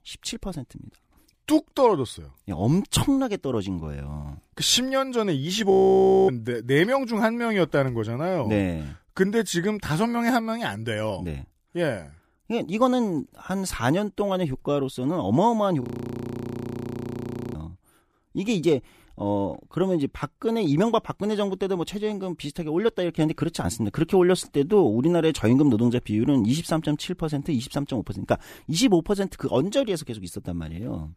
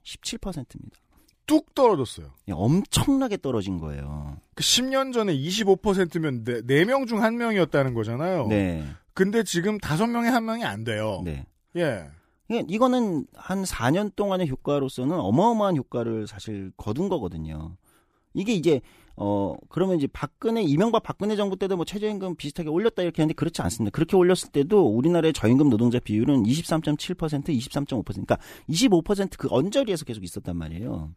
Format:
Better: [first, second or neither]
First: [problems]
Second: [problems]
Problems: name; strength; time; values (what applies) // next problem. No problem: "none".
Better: second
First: audio freezing; at 5.5 s for 0.5 s and at 16 s for 1.5 s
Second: none